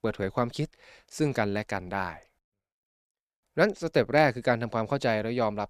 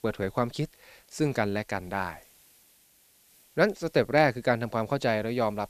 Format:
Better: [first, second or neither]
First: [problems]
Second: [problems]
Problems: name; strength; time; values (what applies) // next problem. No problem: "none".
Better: first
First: none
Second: hiss; faint; throughout; 30 dB below the speech